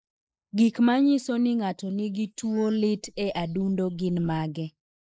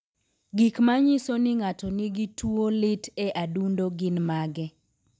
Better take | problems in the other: second | noise reduction (neural mask model Resemble Enhance denoiser)

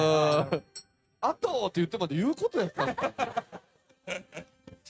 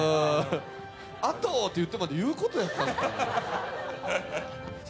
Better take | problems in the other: second | noise reduction (neural mask model RNNoise)

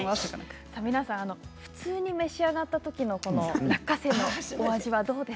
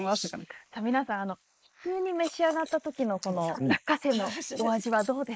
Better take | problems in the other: first | noise reduction (neural mask model Resemble Enhance denoiser)

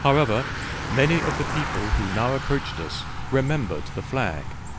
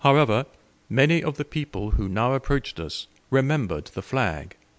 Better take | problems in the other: second | background sound (Bicycle); 5 dB below the speech

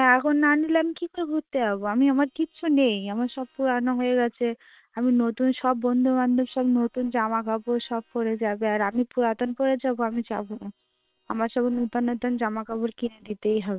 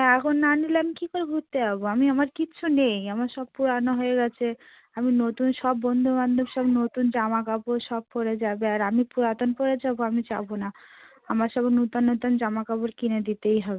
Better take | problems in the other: second | noise reduction (neural separator model SepFormer WHAM!)

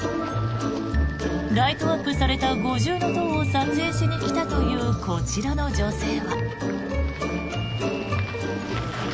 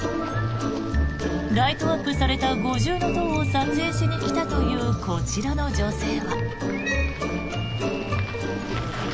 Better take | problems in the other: first | background sound (Cat); 14 dB below the speech

